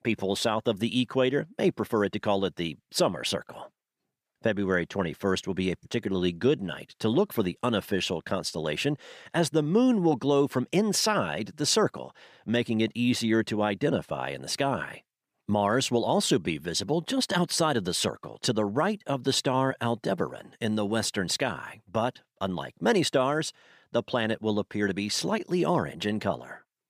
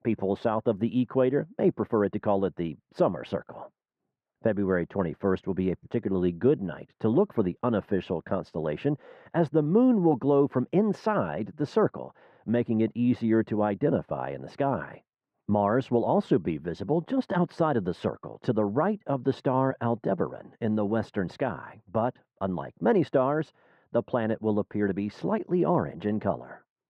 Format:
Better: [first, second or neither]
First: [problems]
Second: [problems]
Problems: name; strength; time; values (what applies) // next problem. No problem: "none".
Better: first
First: none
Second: muffled; very; fading above 3 kHz